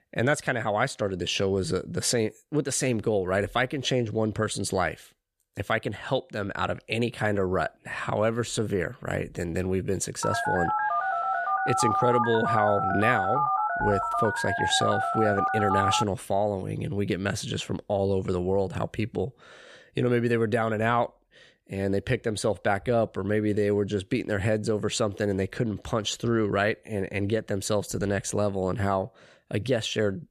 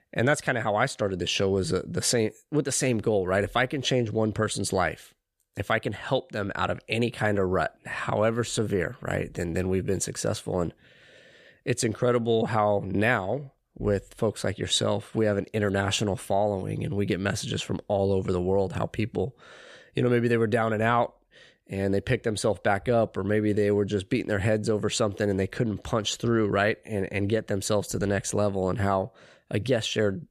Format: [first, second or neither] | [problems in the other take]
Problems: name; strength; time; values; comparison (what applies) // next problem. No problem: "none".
second | phone ringing; loud; from 10 to 16 s; peak 3 dB above the speech